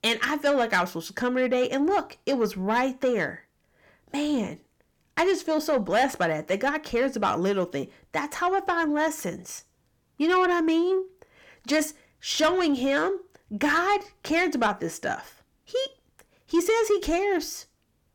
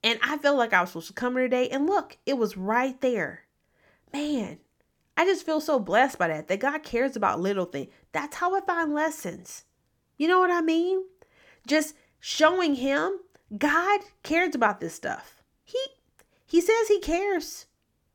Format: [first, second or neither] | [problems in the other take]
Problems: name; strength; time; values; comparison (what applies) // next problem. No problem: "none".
second | distortion; slight; 10 dB below the speech